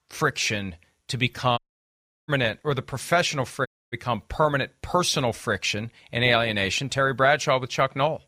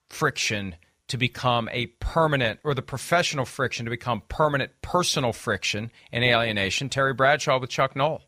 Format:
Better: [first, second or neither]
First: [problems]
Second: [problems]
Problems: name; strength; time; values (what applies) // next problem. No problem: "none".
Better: second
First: audio cutting out; at 1.5 s for 0.5 s and at 3.5 s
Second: none